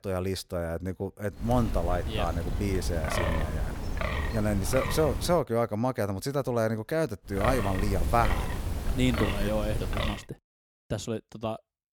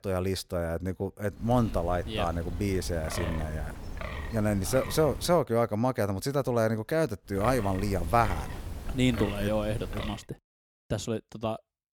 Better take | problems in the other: second | wind noise on the microphone; heavy; from 1.5 to 5.5 s and from 7.5 to 10 s; 5 dB below the speech; occasional gusts in the second

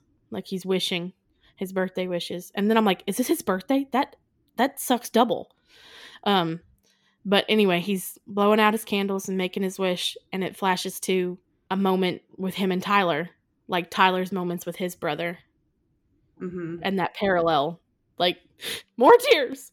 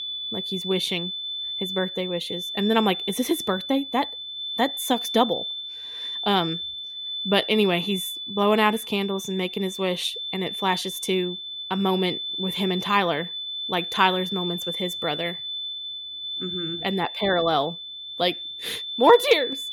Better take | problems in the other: first | high-pitched whine; loud; throughout; 3.5 kHz, 5 dB below the speech

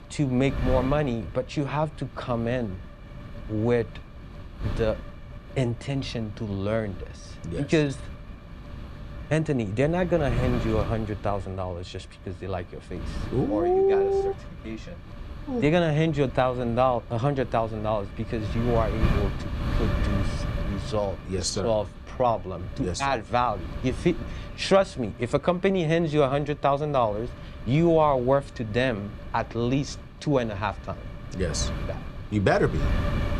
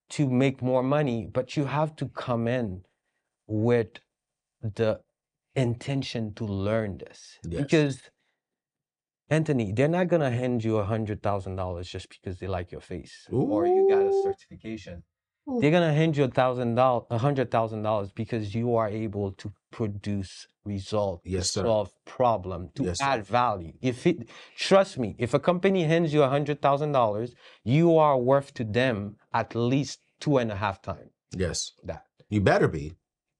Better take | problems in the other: second | wind noise on the microphone; occasional gusts; 15 dB below the speech

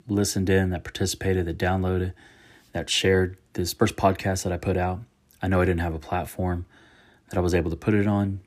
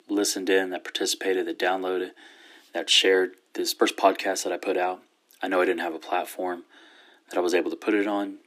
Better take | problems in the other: first | thin; somewhat; fading below 300 Hz

